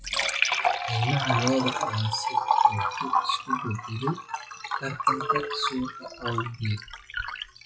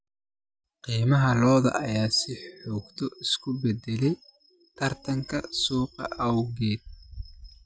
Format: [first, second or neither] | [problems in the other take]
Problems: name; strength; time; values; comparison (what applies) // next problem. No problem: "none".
second | noise reduction (classical method WPE with log-MMSE)